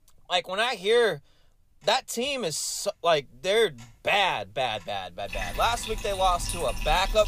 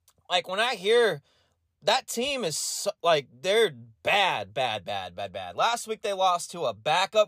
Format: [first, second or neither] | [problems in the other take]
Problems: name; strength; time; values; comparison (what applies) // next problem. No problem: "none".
second | household noises; loud; throughout; 8 dB below the speech